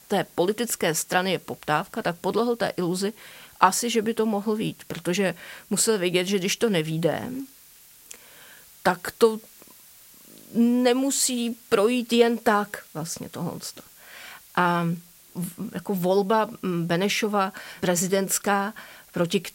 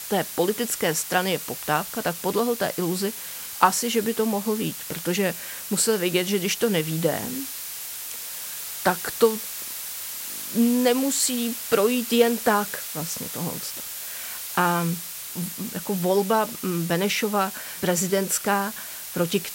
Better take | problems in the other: first | hiss; loud; throughout; 7 dB below the speech; faint in the first

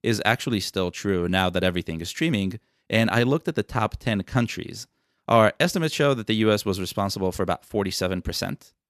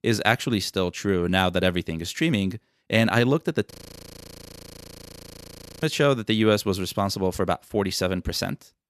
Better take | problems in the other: first | audio freezing; at 3.5 s for 2 s

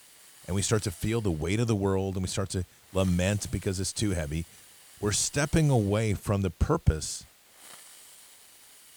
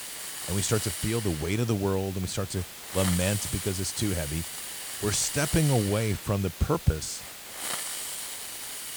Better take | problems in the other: first | hiss; loud; throughout; 5 dB below the speech; faint in the first

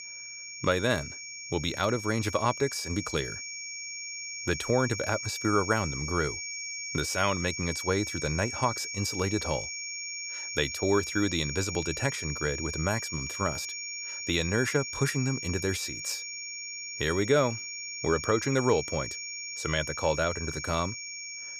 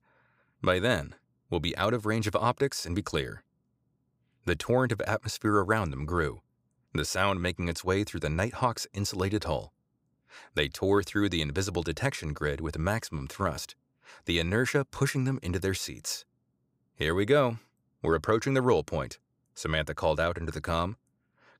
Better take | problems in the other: second | high-pitched whine; loud; throughout; 2.5 kHz, 5 dB below the speech

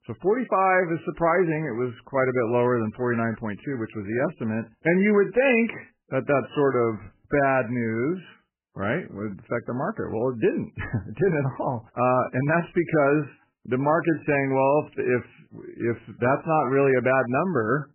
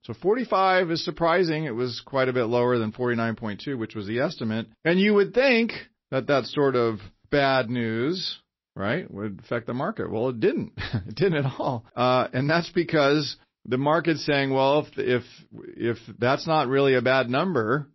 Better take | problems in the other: second | garbled, watery; badly; nothing above 2.5 kHz; slightly in the second

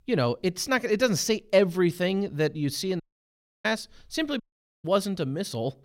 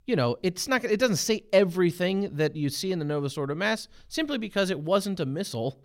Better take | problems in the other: second | audio cutting out; at 3 s for 0.5 s and at 4.5 s

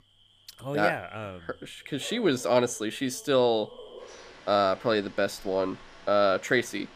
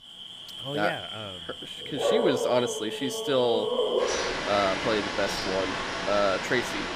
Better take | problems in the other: first | animal sounds; loud; throughout; 1 dB below the speech; faint in the first

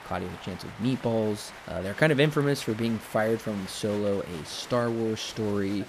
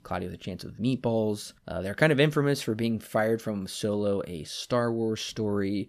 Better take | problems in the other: second | crowd noise; noticeable; throughout; 15 dB below the speech

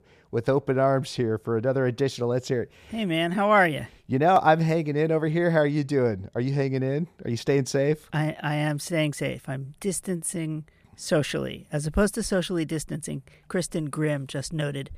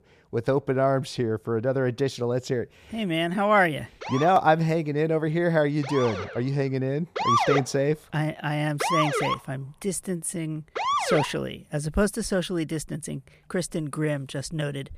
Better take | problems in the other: first | siren; loud; from 4 to 11 s; peak 4 dB above the speech

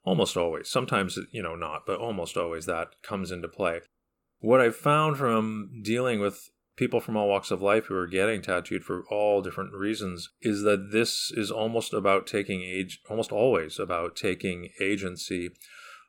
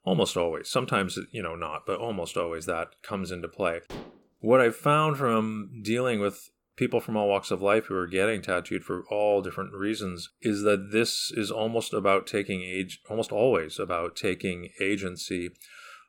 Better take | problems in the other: first | clattering dishes; faint; at 4 s; peak 15 dB below the speech

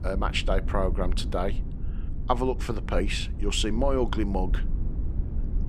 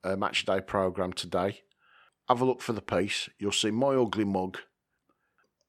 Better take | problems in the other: second | low rumble; noticeable; throughout; 15 dB below the speech

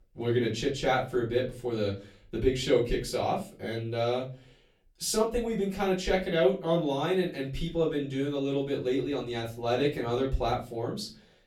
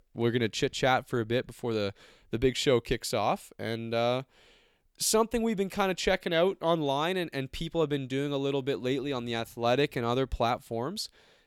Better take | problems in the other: second | room echo; slight; dies away in 0.3 s // off-mic speech; far

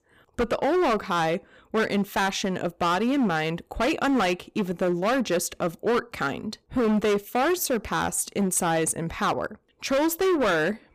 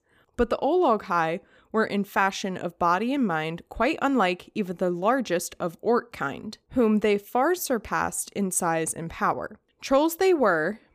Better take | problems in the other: second | distortion; heavy; 16% of the sound clipped

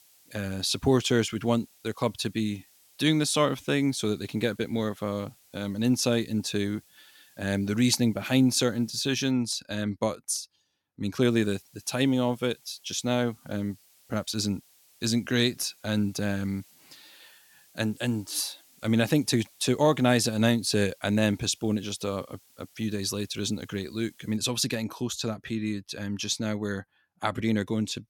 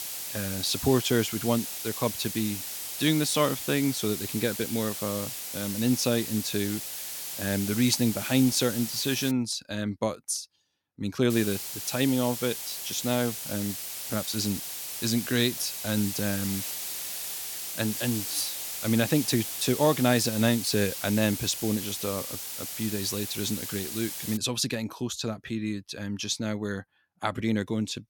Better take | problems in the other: first | hiss; loud; until 9.5 s and from 11 to 24 s; 5 dB below the speech; faint in the first

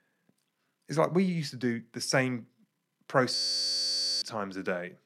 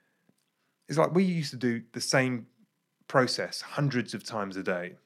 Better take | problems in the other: second | audio freezing; at 3.5 s for 1 s

